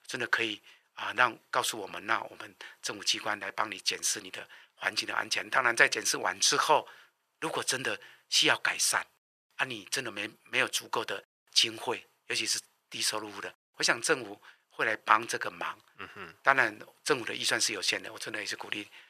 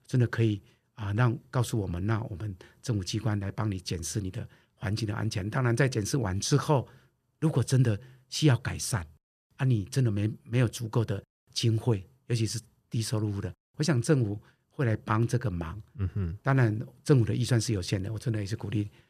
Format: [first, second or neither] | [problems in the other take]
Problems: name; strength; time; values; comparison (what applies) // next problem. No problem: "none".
second | thin; very; fading below 800 Hz